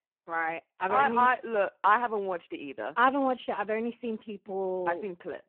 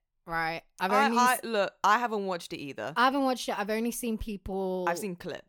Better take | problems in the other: second | phone-call audio; poor line

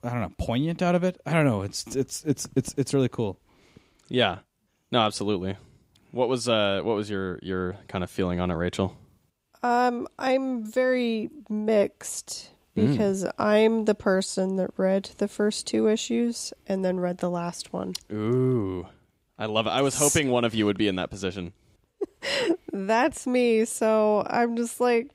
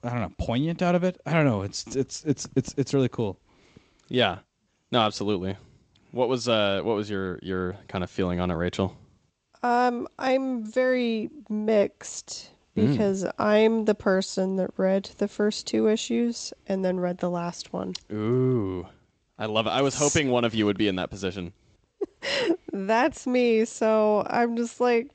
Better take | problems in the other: first | garbled, watery; slightly; nothing above 8 kHz

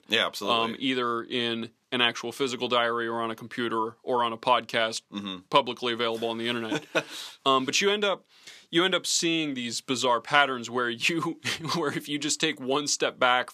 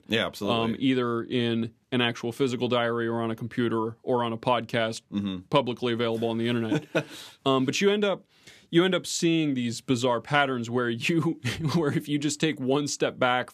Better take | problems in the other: second | thin; somewhat; fading below 1 kHz

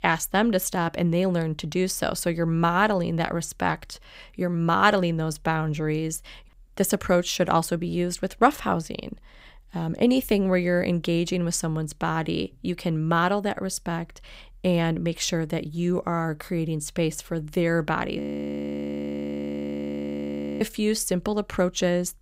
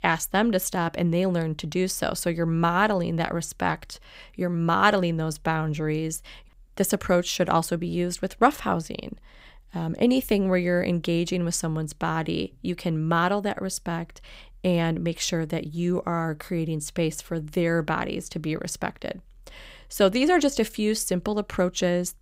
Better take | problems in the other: second | audio freezing; at 18 s for 2.5 s

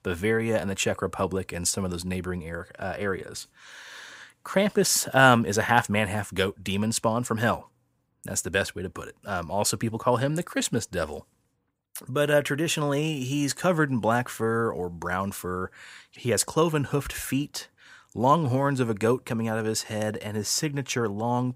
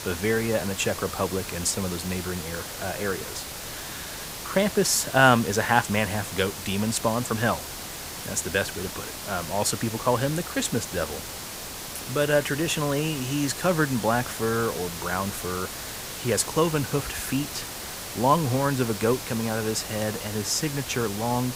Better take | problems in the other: first | hiss; loud; throughout; 8 dB below the speech

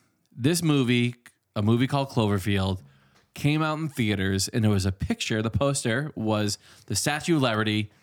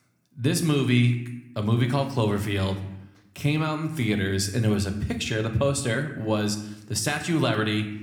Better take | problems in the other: first | room echo; slight; dies away in 0.7 s

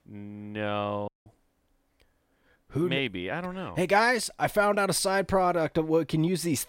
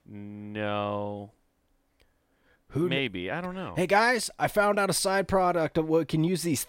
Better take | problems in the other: second | audio cutting out; at 1 s

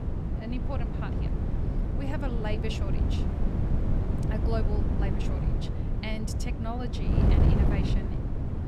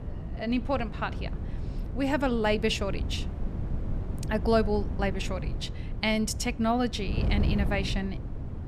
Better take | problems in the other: second | wind noise on the microphone; heavy; 1 dB above the speech; occasional gusts in the second

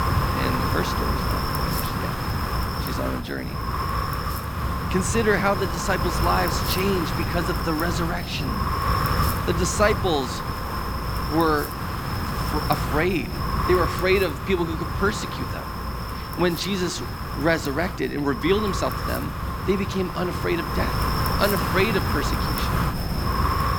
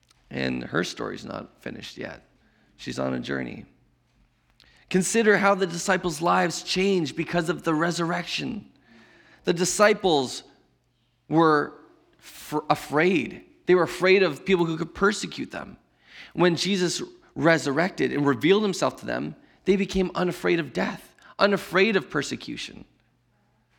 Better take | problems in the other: second | wind noise on the microphone; heavy; 2 dB below the speech

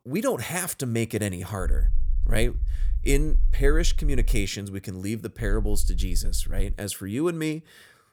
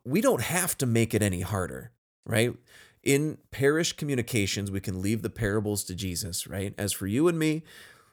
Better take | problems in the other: second | low rumble; faint; from 1.5 to 4.5 s and from 5.5 to 6.5 s; 25 dB below the speech

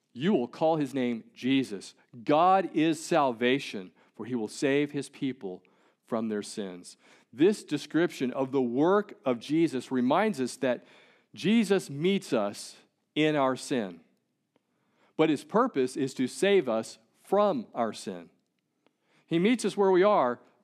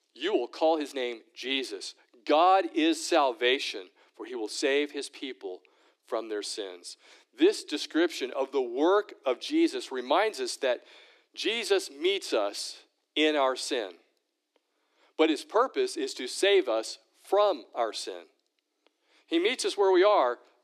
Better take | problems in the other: first | thin; somewhat; fading below 300 Hz

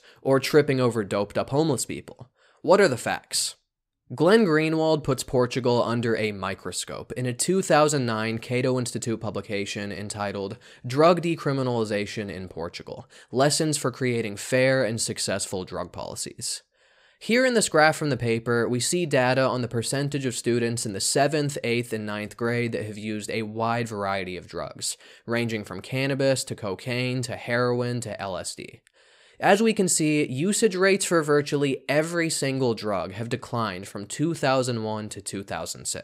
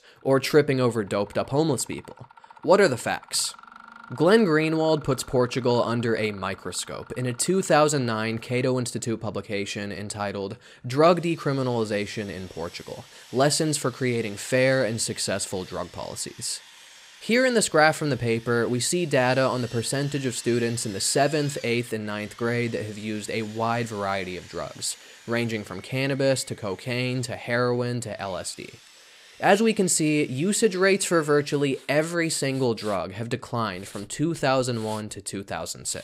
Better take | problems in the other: first | machinery noise; faint; throughout; 20 dB below the speech

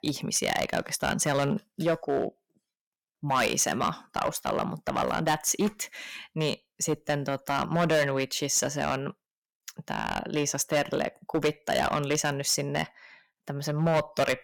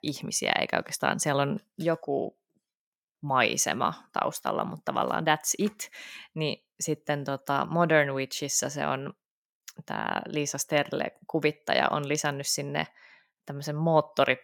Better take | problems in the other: second | distortion; heavy; 5% of the sound clipped

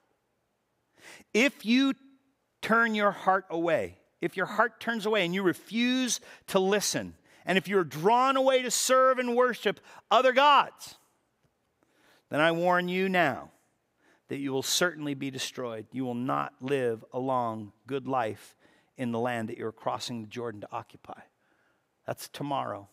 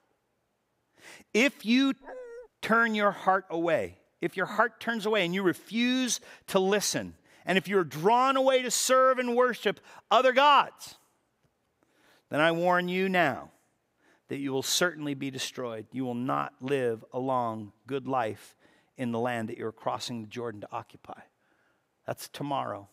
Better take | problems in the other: first | dog barking; faint; at 2 s; peak 15 dB below the speech

